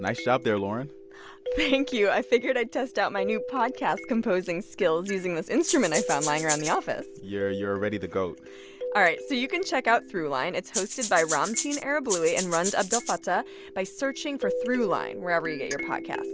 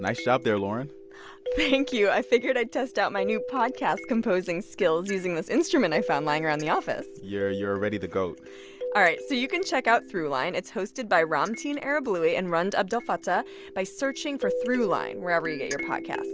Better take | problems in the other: second | background sound (Rattle (instrument)); 5 dB below the speech

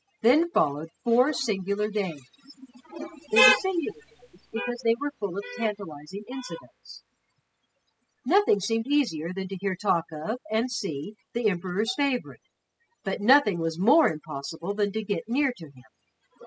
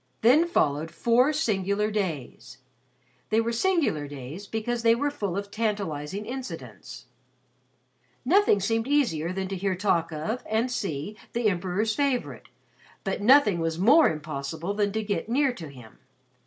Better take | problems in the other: second | noise reduction (classical method spectral subtraction)

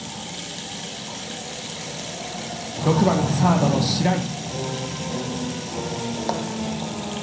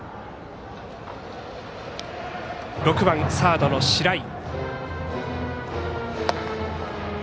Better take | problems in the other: second | background sound (Rattle (instrument)); 11 dB below the speech // room echo; dies away in 0.6 s

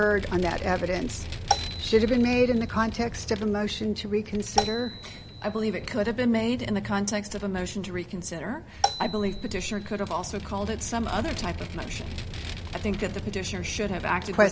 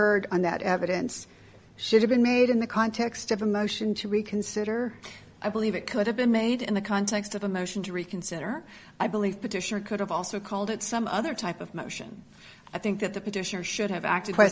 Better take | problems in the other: second | background sound (Marimba, xylophone + Vehicle); 7 dB below the speech

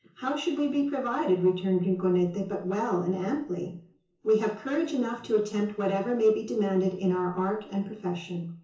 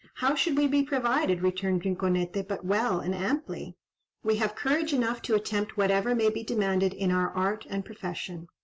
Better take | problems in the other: second | room echo; dies away in 0.7 s

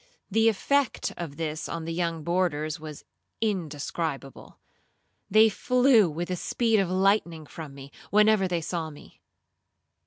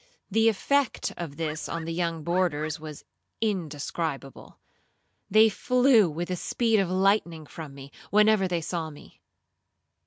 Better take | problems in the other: first | background sound (Bird); 15 dB below the speech

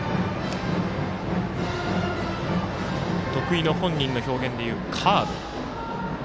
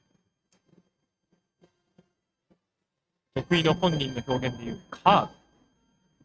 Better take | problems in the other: first | noise reduction (neural mask model RNNoise)

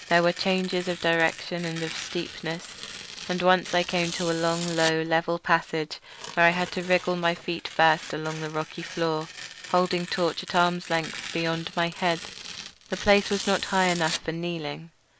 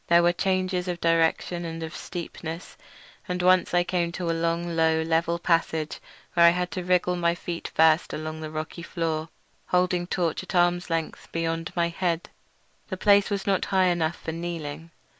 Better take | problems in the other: second | background sound (Tearing); 13 dB below the speech

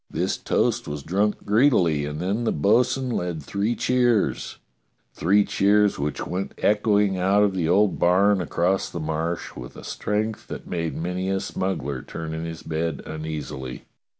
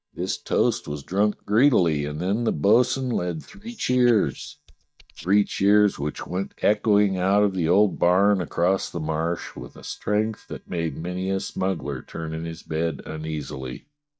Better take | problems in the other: first | noise reduction (neural mask model DeepFilterNet 3)

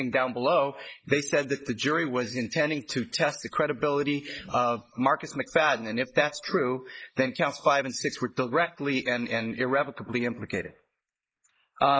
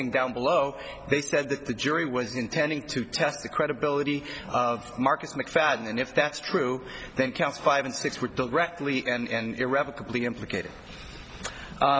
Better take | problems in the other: second | noise reduction (neural mask model Resemble Enhance denoiser)

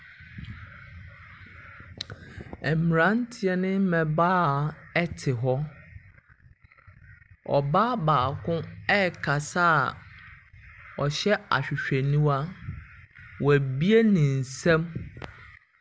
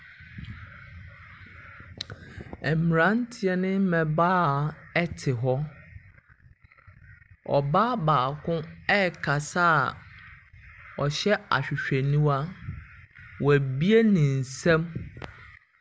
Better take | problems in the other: second | background sound (Bowed string instrument); 18 dB below the speech

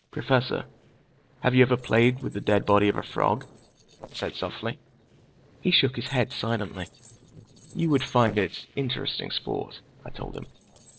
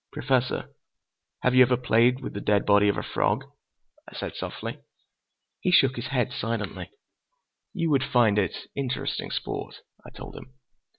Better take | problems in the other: second | noise reduction (neural separator model SepFormer DNS4)

